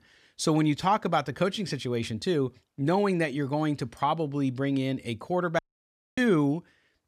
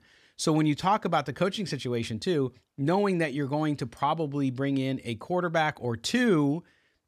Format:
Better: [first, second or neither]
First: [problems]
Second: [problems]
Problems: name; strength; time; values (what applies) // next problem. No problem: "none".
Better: second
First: audio cutting out; at 5.5 s for 0.5 s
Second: none